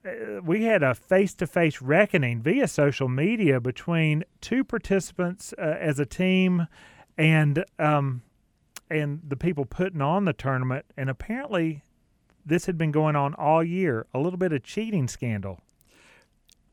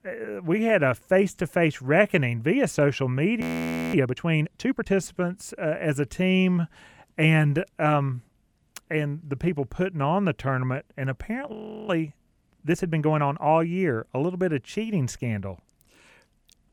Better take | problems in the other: first | audio freezing; at 3.5 s for 0.5 s and at 12 s

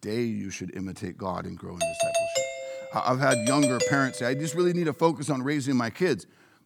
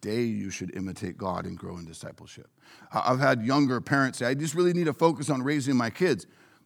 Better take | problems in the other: second | doorbell; loud; from 2 to 4.5 s; peak 1 dB above the speech

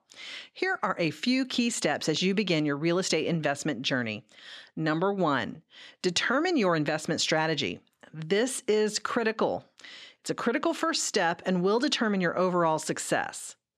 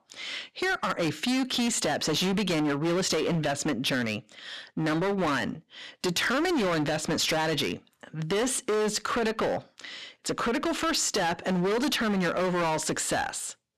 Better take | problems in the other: first | distortion; heavy; 24% of the sound clipped

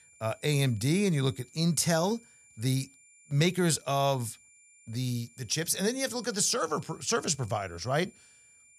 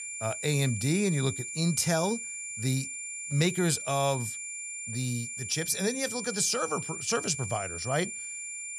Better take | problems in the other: first | high-pitched whine; loud; throughout; 2.5 kHz, 6 dB below the speech; faint in the first

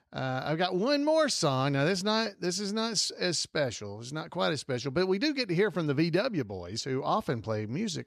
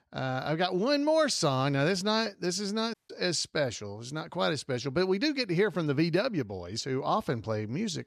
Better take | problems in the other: first | audio cutting out; at 3 s

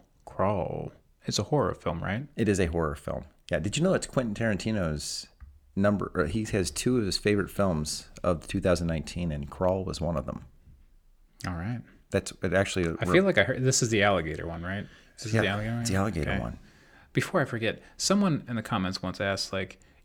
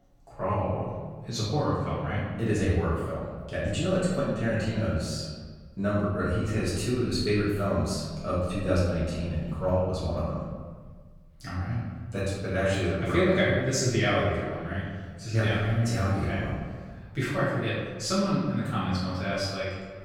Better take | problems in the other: first | room echo; noticeable; dies away in 1.5 s // off-mic speech; far

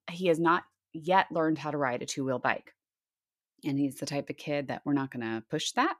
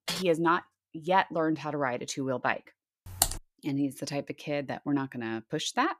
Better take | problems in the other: first | keyboard typing; noticeable; at the start; peak 5 dB below the speech // keyboard typing; loud; at 3 s; peak 2 dB above the speech

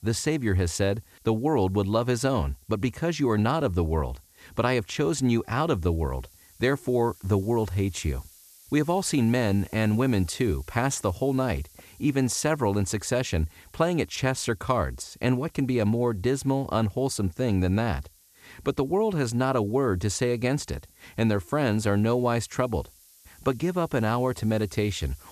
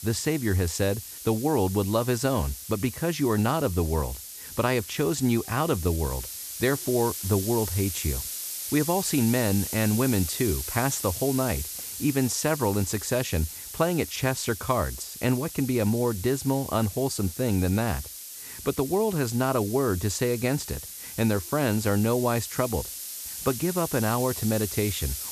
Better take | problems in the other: first | hiss; loud; throughout; 8 dB below the speech; faint in the first

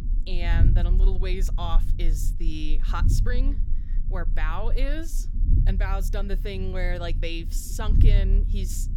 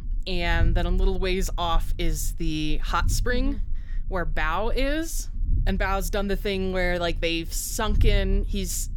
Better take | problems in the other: second | low rumble; loud; throughout; 9 dB below the speech; faint in the second

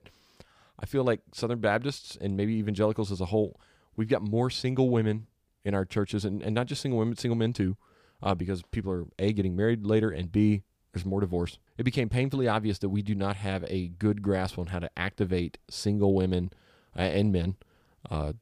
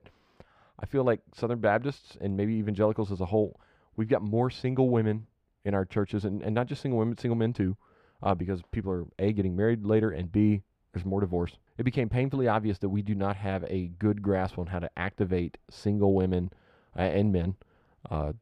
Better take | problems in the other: first | muffled; slightly; fading above 3.5 kHz

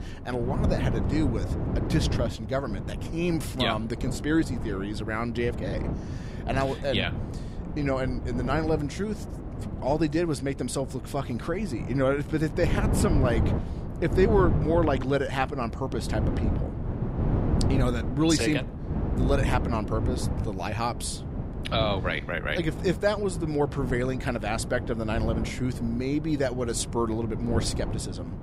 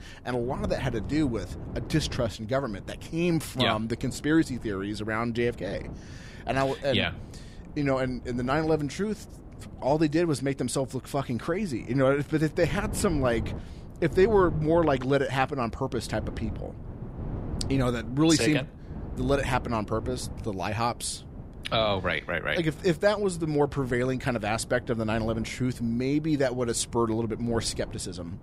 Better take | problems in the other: second | wind noise on the microphone; heavy; 9 dB below the speech; occasional gusts in the second

